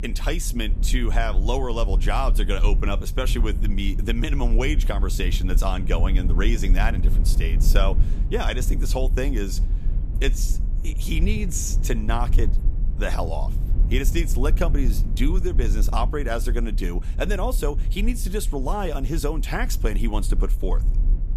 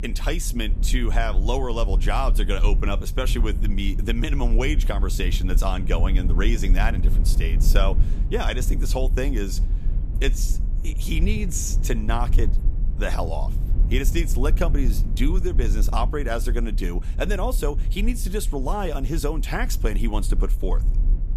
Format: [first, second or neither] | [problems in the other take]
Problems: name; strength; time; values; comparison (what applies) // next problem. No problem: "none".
neither | low rumble; noticeable; throughout; 15 dB below the speech; the same in both